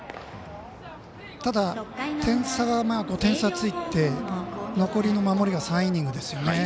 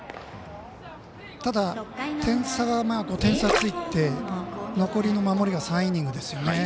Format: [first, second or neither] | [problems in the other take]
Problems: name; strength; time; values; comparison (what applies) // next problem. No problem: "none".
first | background sound (Gurgling); 2 dB below the speech